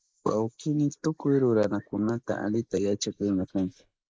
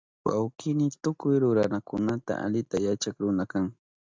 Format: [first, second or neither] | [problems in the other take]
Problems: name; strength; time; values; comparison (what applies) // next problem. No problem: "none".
second | noise reduction (neural mask model Resemble Enhance denoiser)